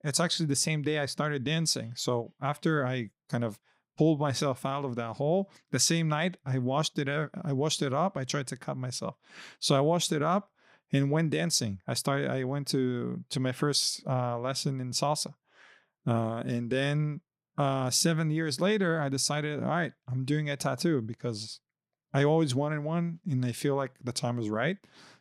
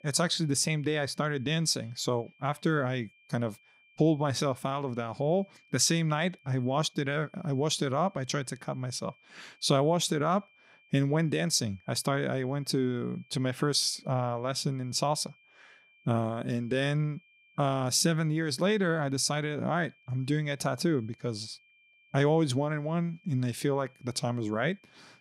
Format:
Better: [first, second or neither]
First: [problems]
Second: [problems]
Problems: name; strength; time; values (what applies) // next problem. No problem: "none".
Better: first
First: none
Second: high-pitched whine; faint; throughout; 2.5 kHz, 30 dB below the speech